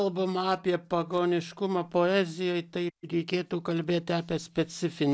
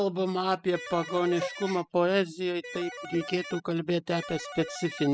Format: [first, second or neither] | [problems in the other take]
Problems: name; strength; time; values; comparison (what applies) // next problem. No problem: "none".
first | noise reduction (classical method spectral subtraction)